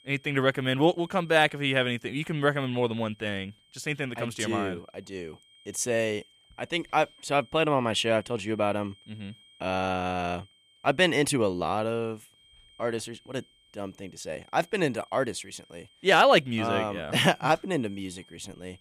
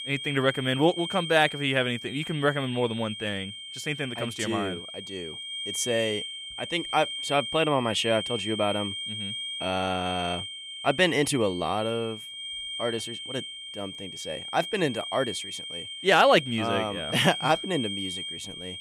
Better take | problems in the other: first | high-pitched whine; loud; throughout; 3 kHz, 8 dB below the speech; faint in the first

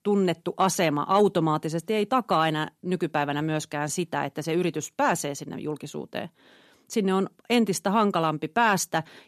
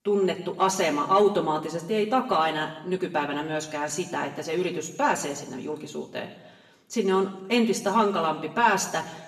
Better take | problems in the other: first | room echo; slight; dies away in 0.9 s // off-mic speech; far

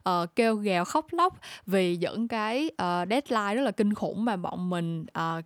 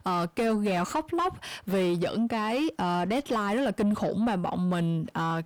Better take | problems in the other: first | distortion; heavy; 8 dB below the speech

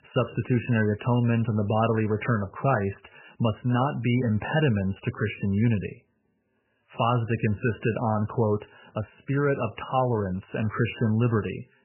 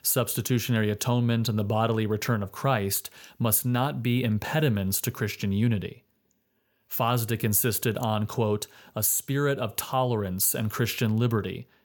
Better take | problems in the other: second | garbled, watery; badly; nothing above 3 kHz

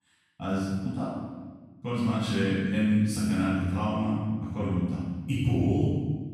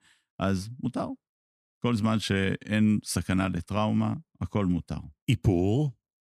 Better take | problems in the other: second | room echo; strong; dies away in 1.2 s // off-mic speech; far

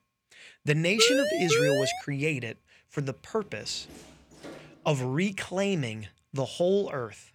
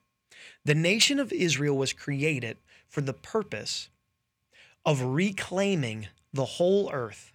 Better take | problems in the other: second | siren; loud; from 1 to 2 s; peak 3 dB above the speech // door banging; faint; from 3.5 to 5 s; peak 15 dB below the speech

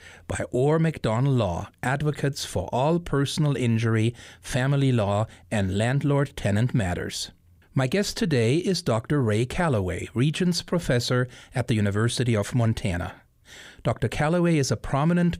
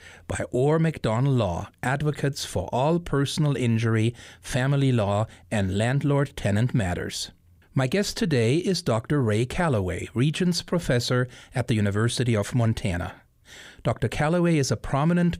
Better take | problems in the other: neither | none

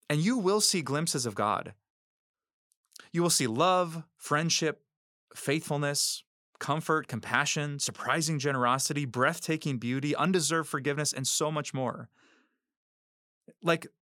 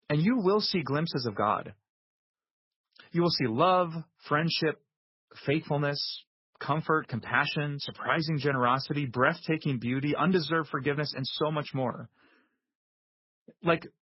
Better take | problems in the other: first | garbled, watery; badly; nothing above 5.5 kHz

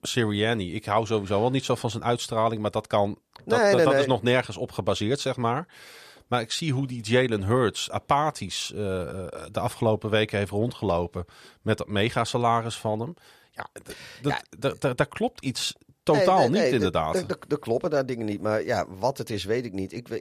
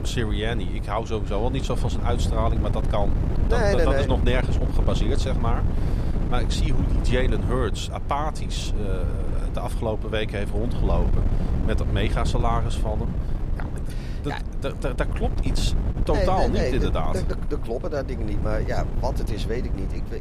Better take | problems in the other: first | wind noise on the microphone; heavy; 9 dB below the speech

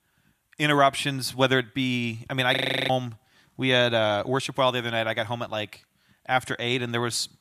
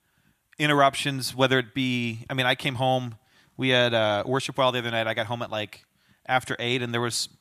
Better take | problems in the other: second | audio freezing; at 2.5 s

